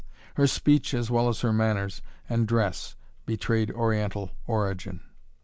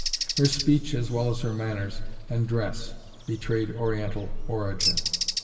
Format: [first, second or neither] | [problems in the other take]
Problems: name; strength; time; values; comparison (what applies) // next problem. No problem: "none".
first | background sound (Bird); 7 dB below the speech // room echo; dies away in 2.7 s